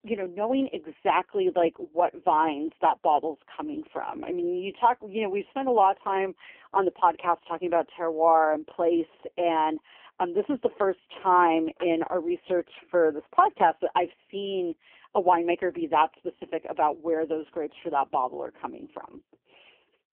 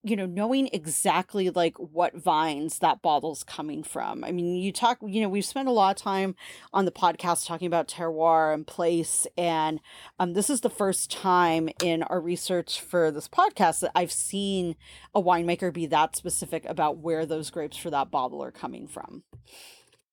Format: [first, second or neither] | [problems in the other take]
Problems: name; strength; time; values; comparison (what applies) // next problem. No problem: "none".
second | phone-call audio; poor line; nothing above 3 kHz